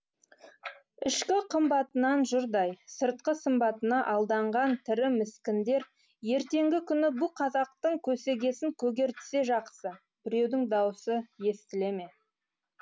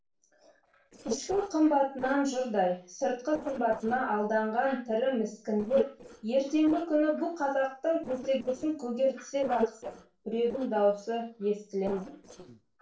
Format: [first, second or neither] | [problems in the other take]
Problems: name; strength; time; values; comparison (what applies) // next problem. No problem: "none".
first | noise reduction (neural separator model SepFormer DNS4)